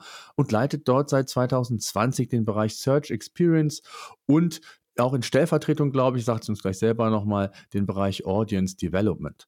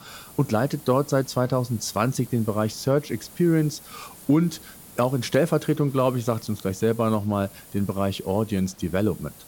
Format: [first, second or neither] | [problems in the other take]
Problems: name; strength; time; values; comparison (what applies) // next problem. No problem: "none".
first | hiss; noticeable; throughout; 20 dB below the speech